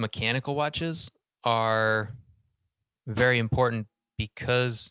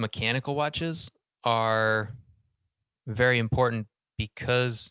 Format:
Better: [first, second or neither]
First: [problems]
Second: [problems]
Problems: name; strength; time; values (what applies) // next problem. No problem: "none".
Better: second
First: background sound (Snare drum); 17 dB below the speech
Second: none